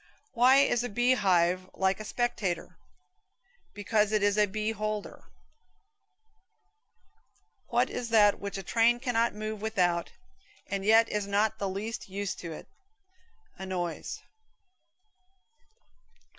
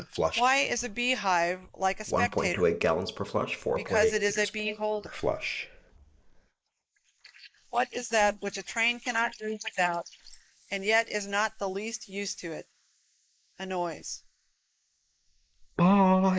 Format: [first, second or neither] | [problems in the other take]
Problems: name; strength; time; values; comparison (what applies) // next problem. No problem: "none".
first | noise reduction (neural mask model Resemble Enhance denoiser)